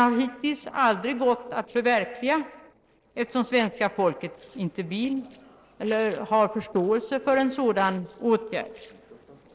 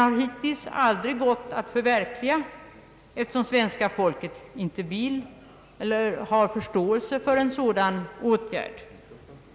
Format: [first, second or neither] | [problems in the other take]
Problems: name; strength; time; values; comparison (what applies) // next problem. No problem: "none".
second | noise reduction (neural separator model SepFormer DNS4)